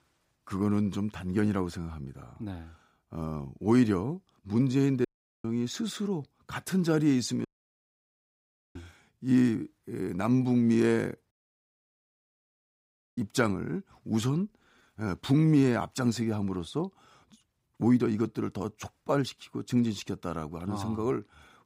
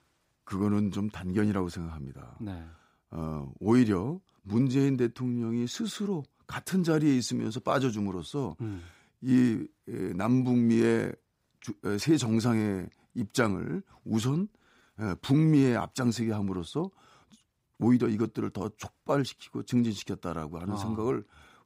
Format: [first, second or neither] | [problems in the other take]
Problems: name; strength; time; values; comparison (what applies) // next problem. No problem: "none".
second | audio cutting out; at 5 s, at 7.5 s for 1.5 s and at 11 s for 2 s